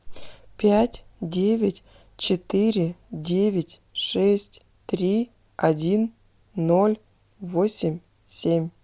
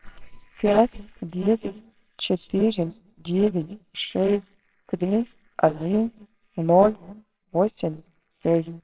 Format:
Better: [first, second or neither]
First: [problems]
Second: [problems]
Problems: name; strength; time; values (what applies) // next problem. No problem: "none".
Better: first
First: none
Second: noise reduction (neural separator model SepFormer WHAMR!)